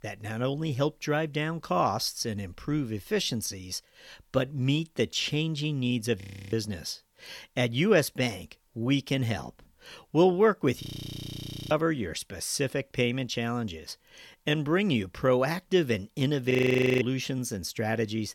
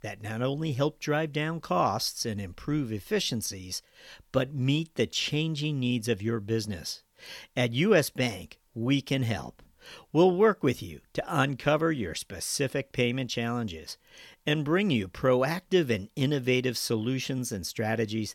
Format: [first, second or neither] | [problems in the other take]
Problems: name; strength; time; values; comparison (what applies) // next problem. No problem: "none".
second | audio freezing; at 6 s, at 11 s for 1 s and at 17 s for 0.5 s